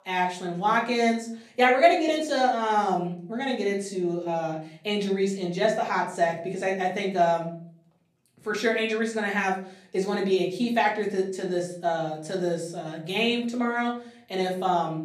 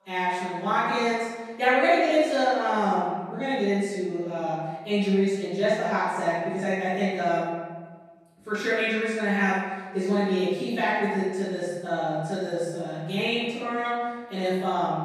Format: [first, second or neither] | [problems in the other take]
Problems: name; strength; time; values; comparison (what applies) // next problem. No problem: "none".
first | room echo; strong; dies away in 1.3 s; slight in the first // off-mic speech; far; far in the first